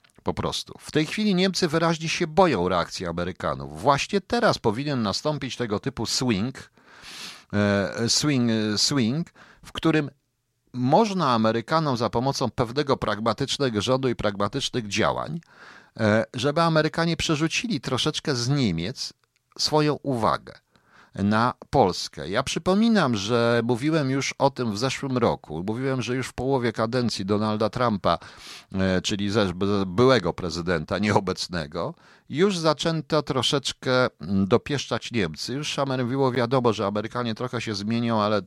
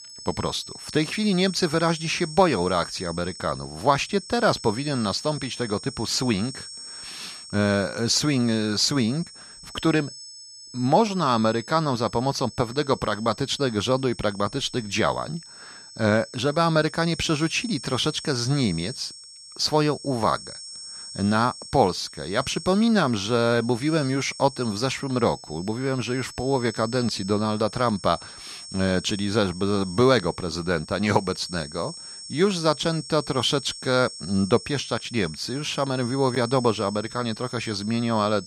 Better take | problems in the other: first | high-pitched whine; noticeable; throughout; 5.5 kHz, 15 dB below the speech

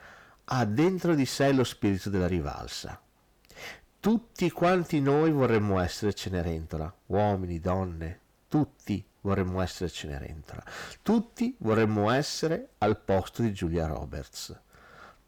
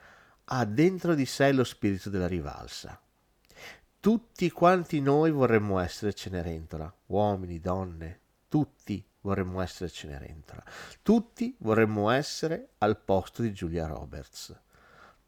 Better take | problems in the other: second | distortion; slight; 10 dB below the speech

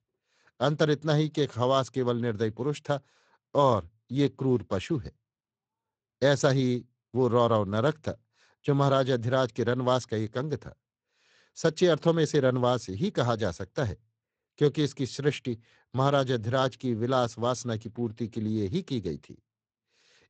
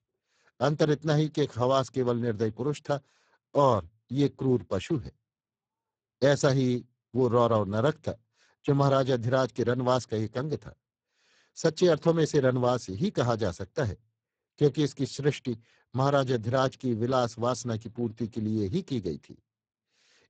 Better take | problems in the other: first | garbled, watery; badly; nothing above 7.5 kHz; slightly in the first

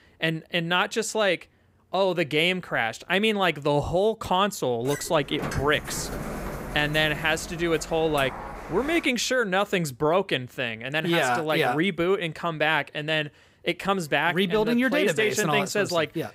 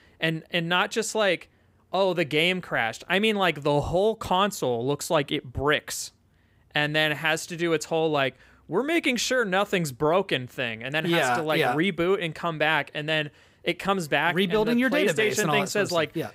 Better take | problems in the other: second | door banging; noticeable; from 5 to 9 s; peak 7 dB below the speech

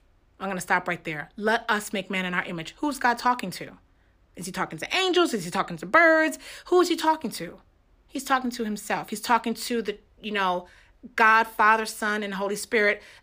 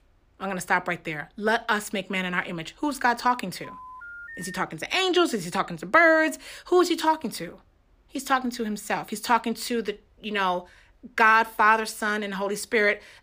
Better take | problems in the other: first | phone ringing; faint; at 3.5 s; peak 15 dB below the speech

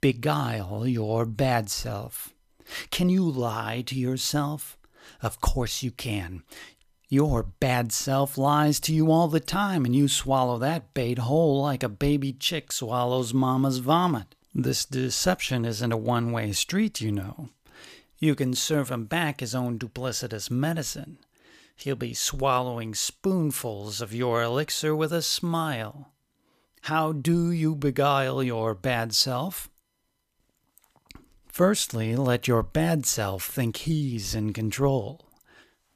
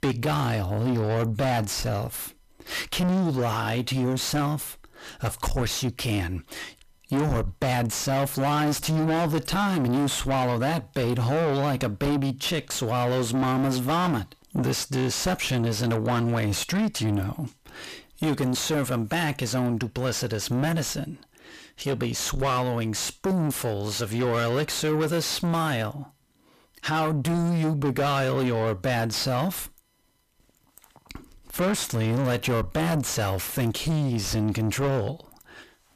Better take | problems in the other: first | distortion; heavy; 5 dB below the speech

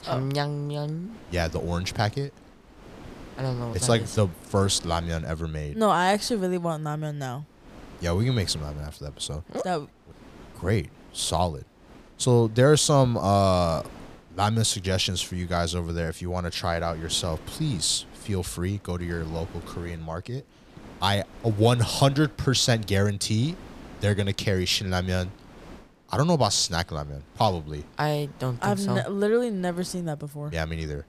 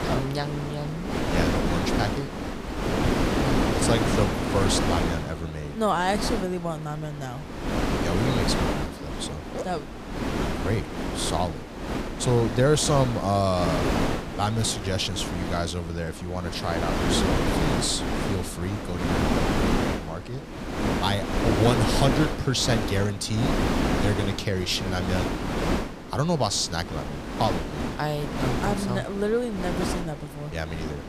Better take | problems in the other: first | wind noise on the microphone; heavy; 1 dB below the speech; occasional gusts in the first

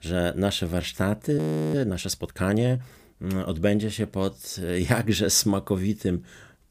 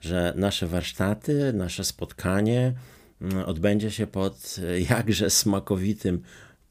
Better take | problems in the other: second | audio freezing; at 1.5 s

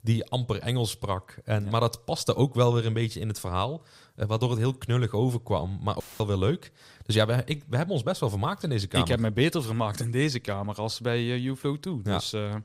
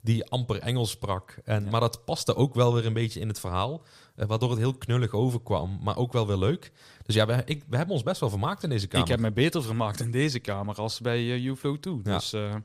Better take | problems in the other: second | audio cutting out; filled with static; at 6 s

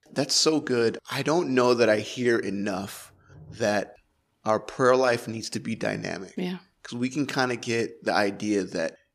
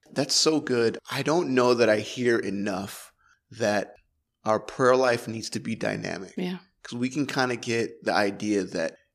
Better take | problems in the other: second | rain or running water; faint; throughout; 30 dB below the speech

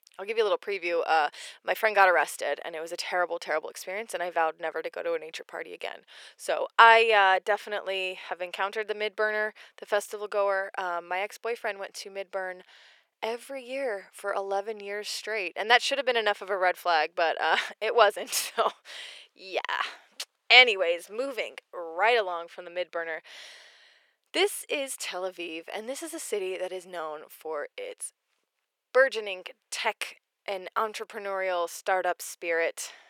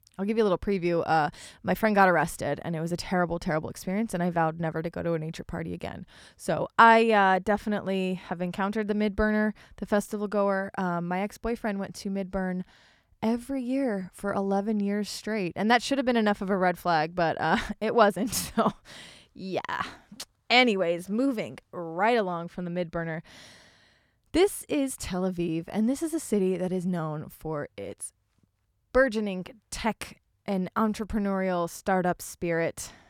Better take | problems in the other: second | thin; very; fading below 450 Hz

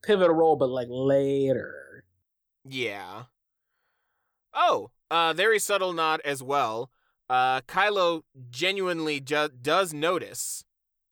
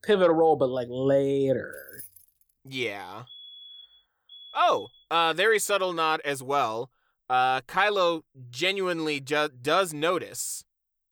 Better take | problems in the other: first | jangling keys; faint; at 1.5 s; peak 15 dB below the speech // alarm; faint; from 3.5 to 5 s; peak 20 dB below the speech

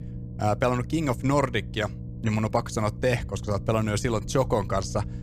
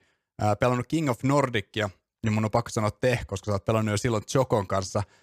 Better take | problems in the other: second | low rumble; faint; throughout; 20 dB below the speech

